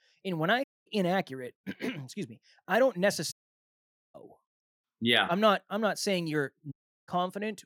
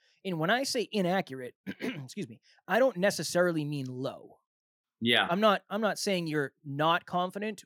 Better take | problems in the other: second | audio cutting out; at 0.5 s, at 3.5 s for 1 s and at 6.5 s

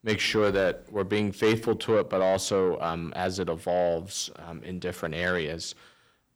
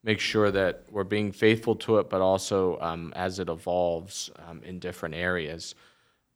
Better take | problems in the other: second | distortion; slight; 10 dB below the speech

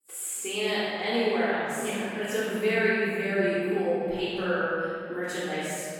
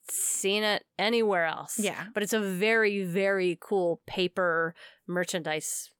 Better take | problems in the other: second | off-mic speech; far // room echo; strong; dies away in 2.2 s

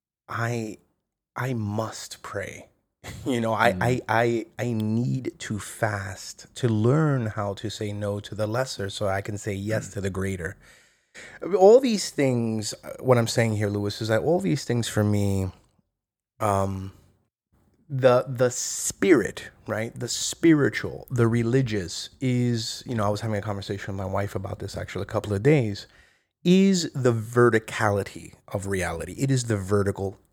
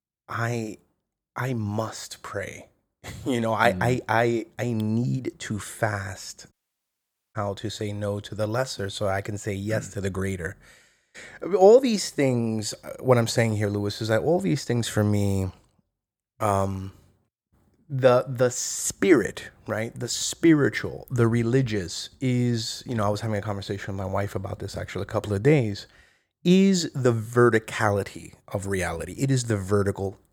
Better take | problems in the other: first | audio cutting out; at 6.5 s for 1 s

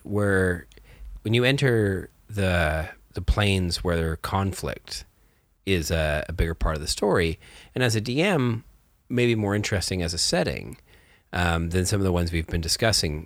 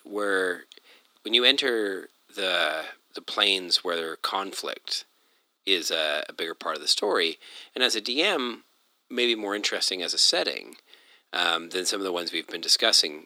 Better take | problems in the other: first | thin; somewhat; fading below 250 Hz

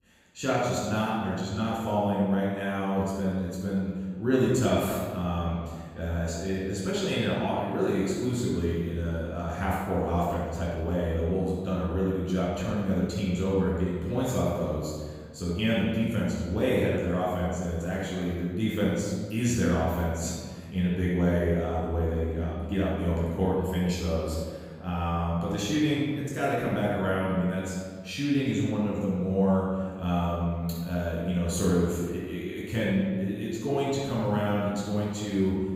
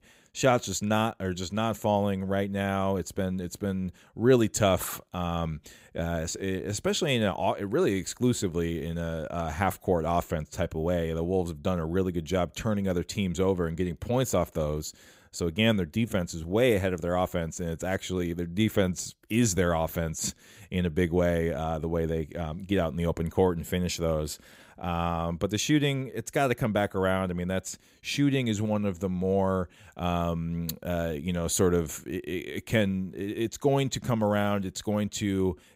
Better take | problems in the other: second | off-mic speech; far // room echo; strong; dies away in 1.5 s

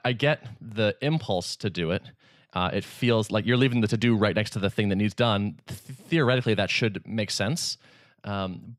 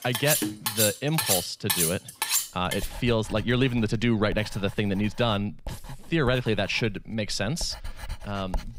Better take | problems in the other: first | household noises; very loud; throughout; as loud as the speech

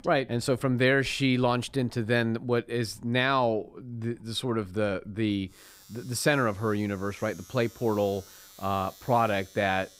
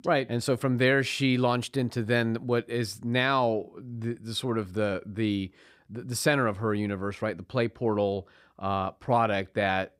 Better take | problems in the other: second | household noises; faint; throughout; 25 dB below the speech

